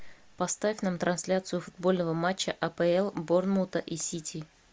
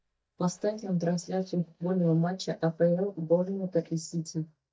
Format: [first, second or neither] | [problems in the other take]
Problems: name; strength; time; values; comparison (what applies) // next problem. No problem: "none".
first | noise reduction (neural mask model DeepFilterNet 3)